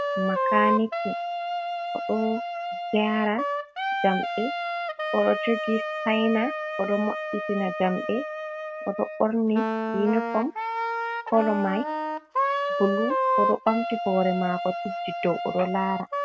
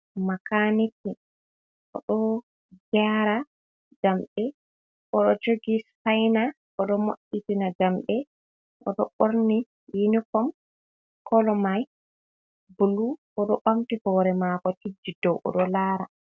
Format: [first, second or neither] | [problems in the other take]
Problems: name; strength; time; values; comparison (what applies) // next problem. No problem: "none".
second | background sound (Wind instrument, woodwind instrument); 2 dB below the speech